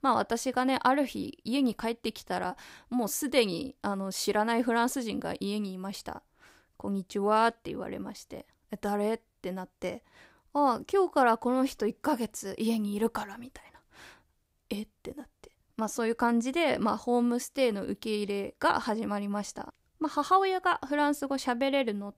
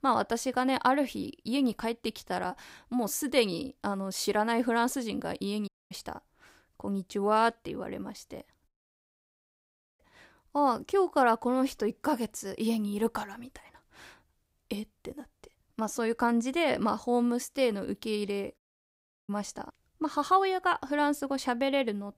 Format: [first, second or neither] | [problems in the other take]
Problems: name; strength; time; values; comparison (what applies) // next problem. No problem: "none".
first | audio cutting out; at 5.5 s, at 8.5 s for 1.5 s and at 19 s for 0.5 s